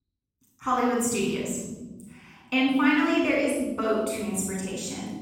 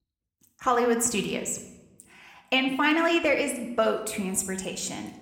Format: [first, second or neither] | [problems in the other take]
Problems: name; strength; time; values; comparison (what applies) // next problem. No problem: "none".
second | room echo; strong; dies away in 2 s; slight in the second // off-mic speech; far